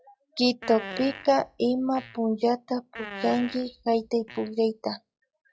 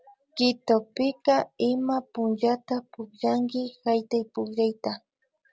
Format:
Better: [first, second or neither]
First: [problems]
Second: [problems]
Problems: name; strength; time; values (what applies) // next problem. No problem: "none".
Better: second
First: noise reduction (classical method log-MMSE)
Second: none